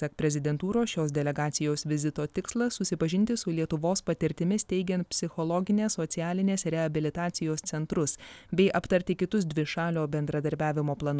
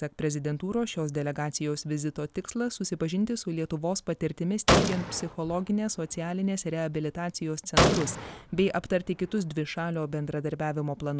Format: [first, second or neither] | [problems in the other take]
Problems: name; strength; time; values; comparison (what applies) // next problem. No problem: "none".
first | background sound (Gunshot, gunfire); as loud as the speech